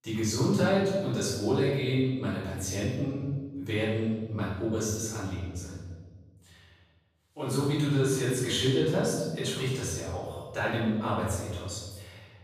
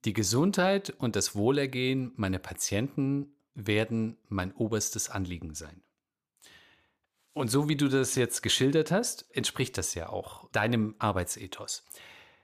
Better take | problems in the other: second | off-mic speech; far // room echo; strong; dies away in 1.5 s

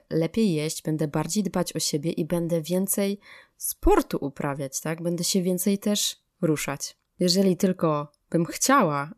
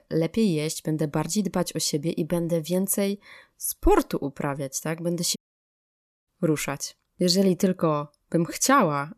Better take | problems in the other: first | audio cutting out; at 5.5 s for 1 s

